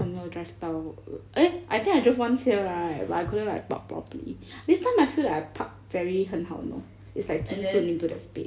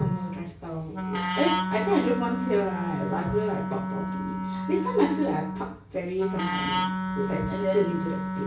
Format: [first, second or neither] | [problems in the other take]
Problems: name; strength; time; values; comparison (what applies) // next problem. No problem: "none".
first | background sound (Wind instrument, woodwind instrument); 2 dB below the speech // room echo; dies away in 0.3 s